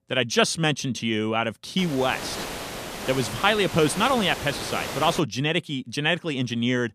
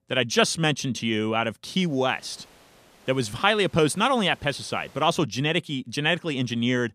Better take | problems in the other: second | hiss; loud; from 2 to 5 s; 9 dB below the speech; faint in the second

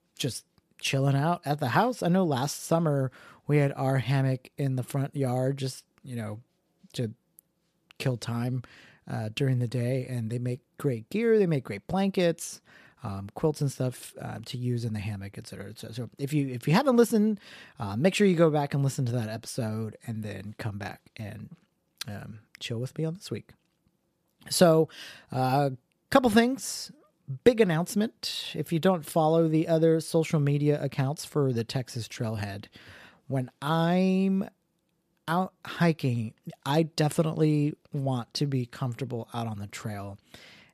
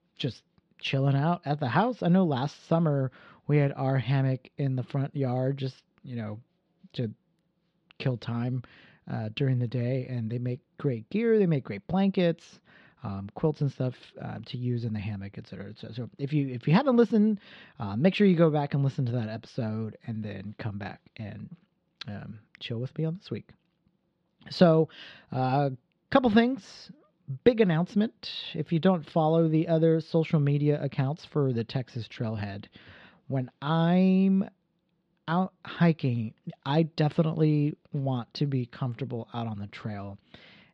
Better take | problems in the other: first | muffled; very slightly; fading above 4 kHz

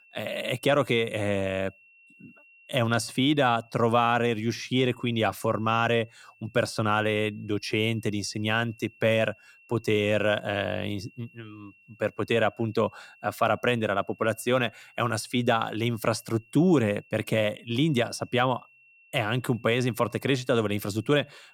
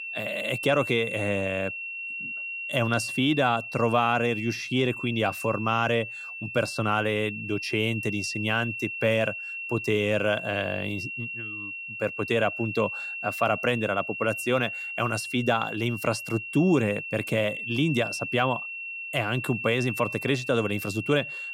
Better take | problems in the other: first | high-pitched whine; loud; throughout; 2.5 kHz, 6 dB below the speech; faint in the first

